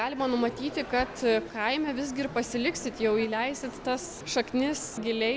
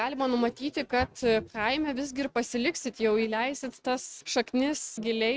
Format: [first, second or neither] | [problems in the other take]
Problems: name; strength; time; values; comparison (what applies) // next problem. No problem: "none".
first | noise reduction (neural mask model RNNoise)